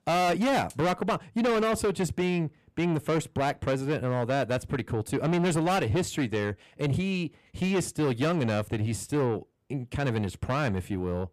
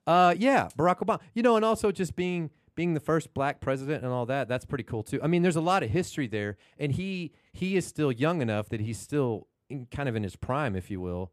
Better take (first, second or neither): second